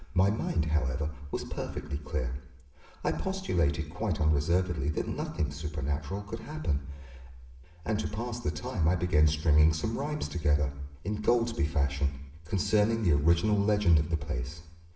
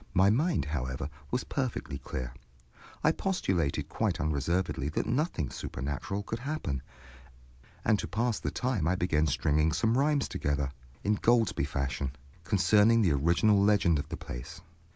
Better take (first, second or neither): second